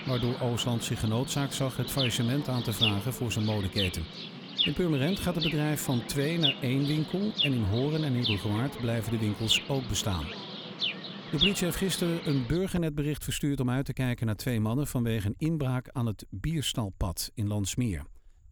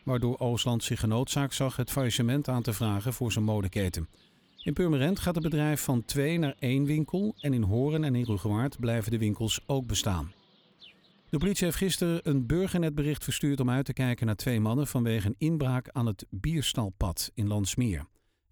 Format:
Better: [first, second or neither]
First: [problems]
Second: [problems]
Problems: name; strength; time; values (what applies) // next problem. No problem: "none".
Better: second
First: animal sounds; loud; throughout; 3 dB below the speech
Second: animal sounds; faint; throughout; 25 dB below the speech